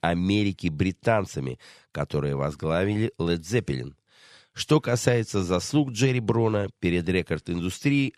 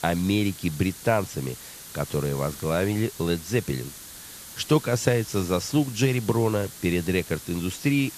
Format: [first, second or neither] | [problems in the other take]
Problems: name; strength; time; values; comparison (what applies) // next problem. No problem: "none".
first | hiss; noticeable; throughout; 15 dB below the speech